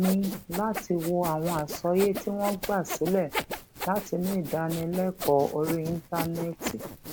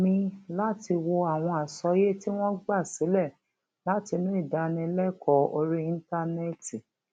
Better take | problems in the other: second | background sound (Sawing); 9 dB below the speech

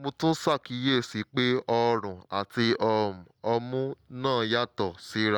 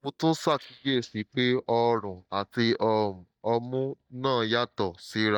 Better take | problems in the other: first | noise reduction (neural mask model DeepFilterNet 3)

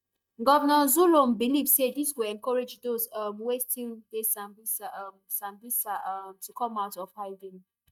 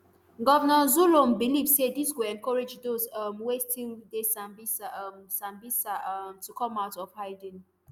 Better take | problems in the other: second | noise reduction (neural mask model DeepFilterNet 3)

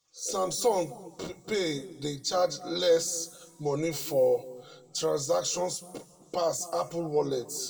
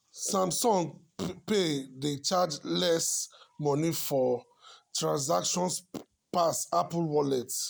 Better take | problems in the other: second | room echo; dies away in 1.3 s

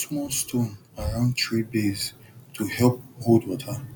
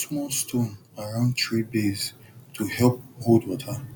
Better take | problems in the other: second | background sound (Breathing); 15 dB below the speech

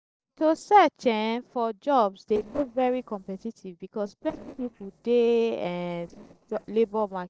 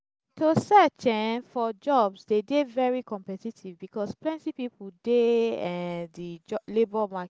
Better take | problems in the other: second | noise reduction (neural separator model SepFormer DNS4)

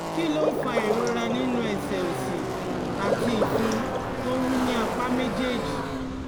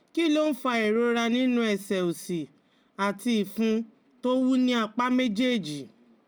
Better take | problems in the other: second | background sound (Car passing by / Race car, auto racing + Water / Liquid); 2 dB above the speech

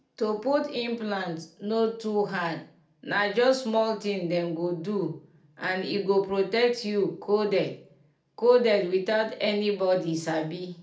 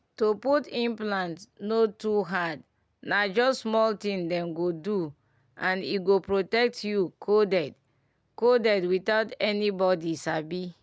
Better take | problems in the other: second | room echo; dies away in 0.4 s

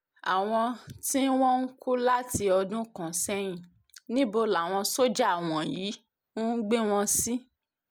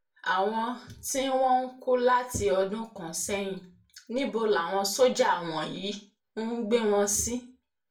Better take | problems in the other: first | room echo; dies away in 0.3 s

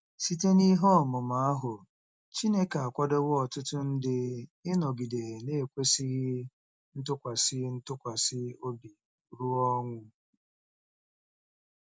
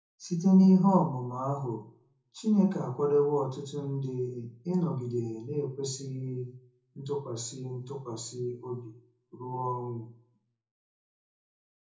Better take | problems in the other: first | room echo; dies away in 0.5 s

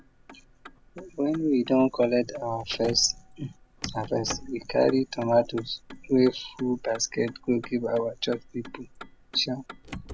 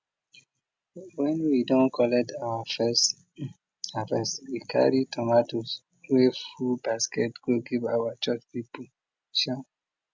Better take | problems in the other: second | background sound (Motor vehicle (road)); 16 dB below the speech

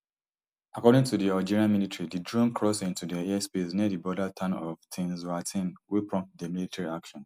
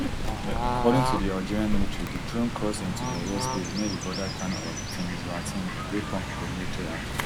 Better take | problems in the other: first | background sound (Bird / Fowl); 2 dB above the speech

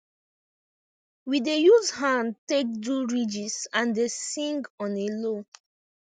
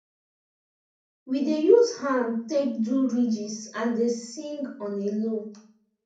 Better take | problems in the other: first | room echo; dies away in 0.6 s

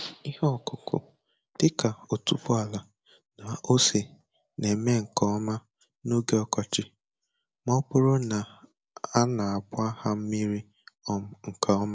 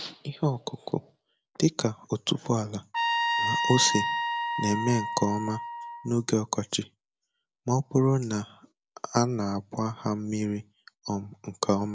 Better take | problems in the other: first | background sound (Trumpet); 1 dB below the speech

